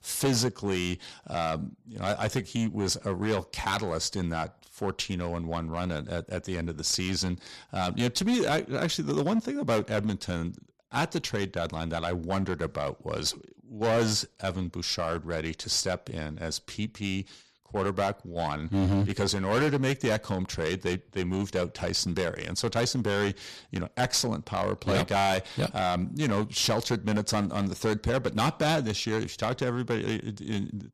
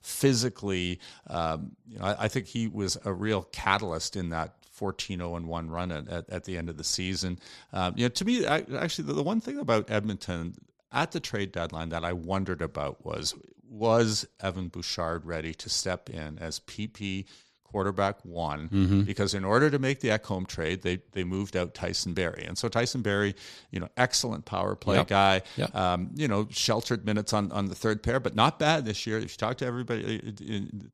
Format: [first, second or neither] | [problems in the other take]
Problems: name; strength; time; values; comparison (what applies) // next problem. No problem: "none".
second | distortion; heavy; 6% of the sound clipped